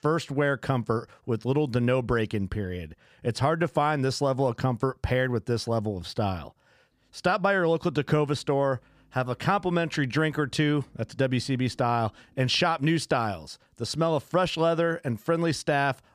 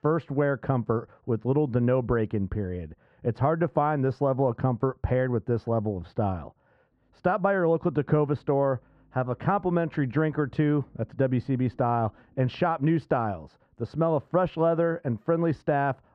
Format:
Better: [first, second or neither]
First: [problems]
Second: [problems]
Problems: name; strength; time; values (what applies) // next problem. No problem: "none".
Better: first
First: none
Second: muffled; very; fading above 3 kHz